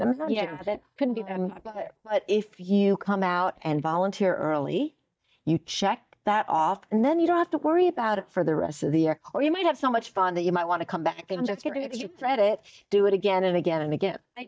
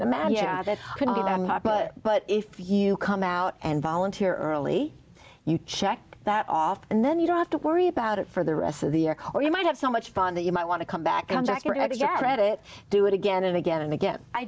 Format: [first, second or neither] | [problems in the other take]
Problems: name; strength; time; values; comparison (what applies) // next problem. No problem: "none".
second | noise reduction (neural mask model DeepFilterNet 3)